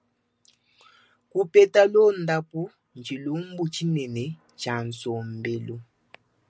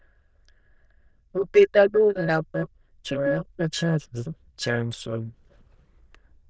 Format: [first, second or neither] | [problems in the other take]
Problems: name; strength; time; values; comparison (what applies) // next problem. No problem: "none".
first | noise reduction (neural diffusion model UNIVERSE++)